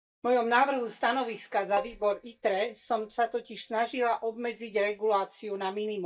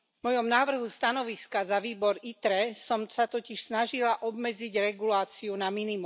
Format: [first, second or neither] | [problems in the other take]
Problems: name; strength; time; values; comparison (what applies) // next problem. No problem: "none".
second | noise reduction (neural mask model DeepFilterNet 3)